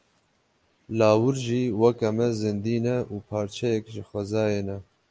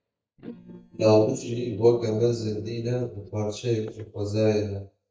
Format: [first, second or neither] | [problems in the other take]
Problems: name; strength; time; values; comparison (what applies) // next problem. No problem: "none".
first | noise reduction (neural mask model DeepFilterNet 3)